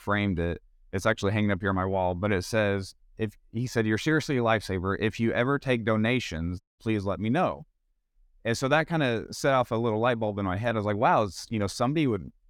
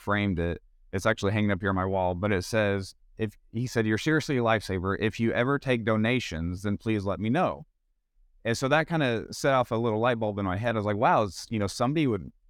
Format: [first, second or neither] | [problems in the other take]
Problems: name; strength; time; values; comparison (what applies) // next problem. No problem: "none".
second | audio cutting out; at 6.5 s